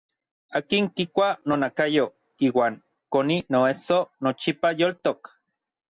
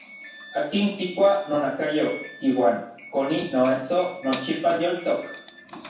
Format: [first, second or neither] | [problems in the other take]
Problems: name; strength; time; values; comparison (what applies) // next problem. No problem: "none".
first | background sound (Doorbell); 17 dB below the speech // room echo; dies away in 0.6 s